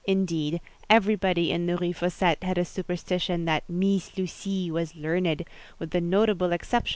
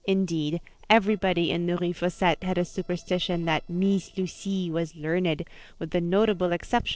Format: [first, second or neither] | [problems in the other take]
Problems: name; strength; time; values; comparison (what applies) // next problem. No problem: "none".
first | noise reduction (neural separator model SepFormer DNS4)